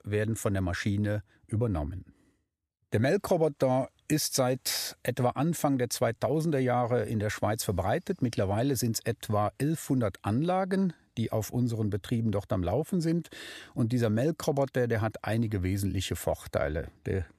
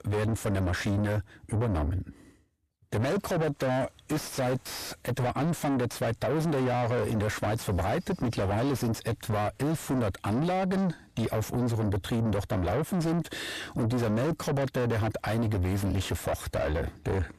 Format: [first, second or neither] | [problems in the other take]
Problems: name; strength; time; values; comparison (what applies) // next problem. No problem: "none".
first | distortion; heavy; 6 dB below the speech